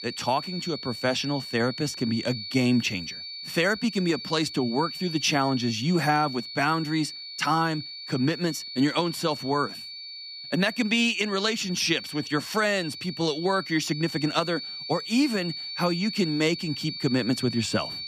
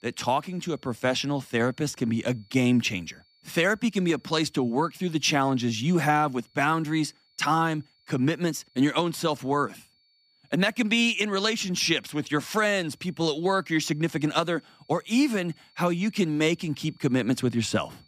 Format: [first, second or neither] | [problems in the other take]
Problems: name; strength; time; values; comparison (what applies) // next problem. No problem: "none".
second | high-pitched whine; loud; throughout; 4.5 kHz, 9 dB below the speech; faint in the second